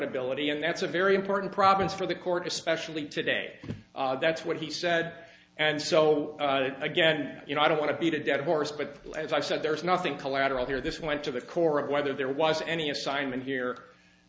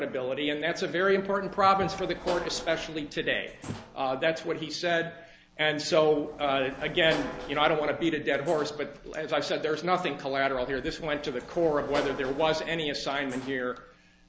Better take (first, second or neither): first